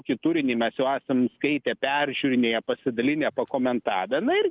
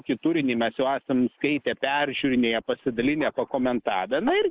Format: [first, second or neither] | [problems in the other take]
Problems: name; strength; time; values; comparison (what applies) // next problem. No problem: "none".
first | noise reduction (neural mask model Resemble Enhance denoiser)